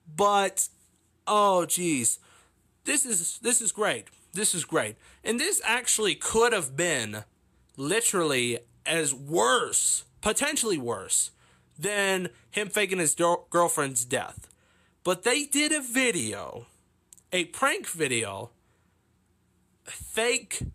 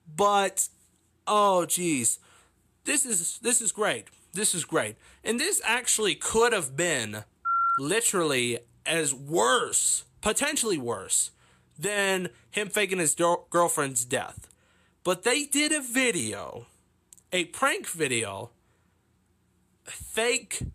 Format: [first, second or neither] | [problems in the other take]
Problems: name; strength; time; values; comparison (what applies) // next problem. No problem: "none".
first | phone ringing; loud; at 7.5 s; peak 1 dB above the speech